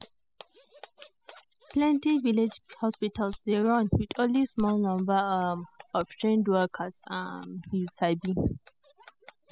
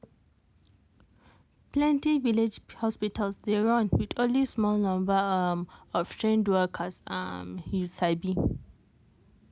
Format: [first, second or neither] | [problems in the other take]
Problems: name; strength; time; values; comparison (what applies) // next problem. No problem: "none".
second | noise reduction (classical method spectral subtraction)